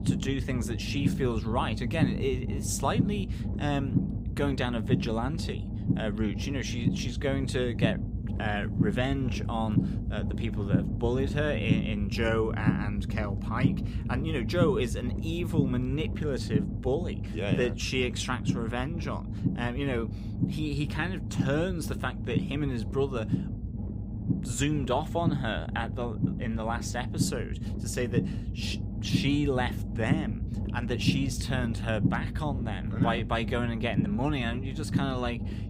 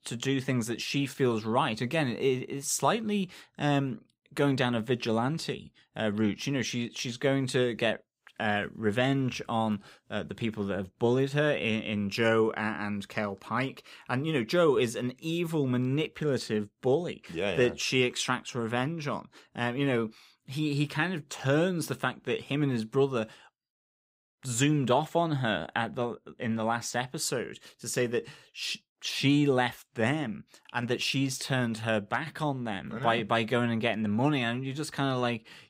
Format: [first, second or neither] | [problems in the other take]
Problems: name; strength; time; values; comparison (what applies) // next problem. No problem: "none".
second | low rumble; loud; throughout; 7 dB below the speech